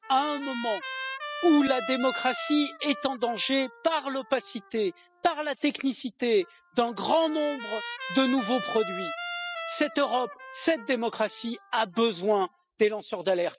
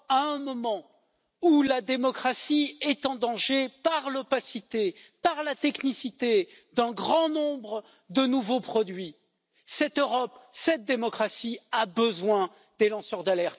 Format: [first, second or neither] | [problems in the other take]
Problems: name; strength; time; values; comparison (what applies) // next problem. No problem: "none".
second | noise reduction (classical method spectral subtraction)